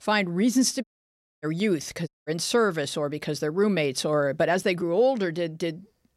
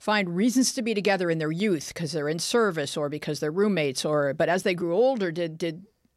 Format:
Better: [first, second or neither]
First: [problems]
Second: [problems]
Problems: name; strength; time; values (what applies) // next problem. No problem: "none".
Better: second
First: audio cutting out; at 1 s for 0.5 s and at 2 s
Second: none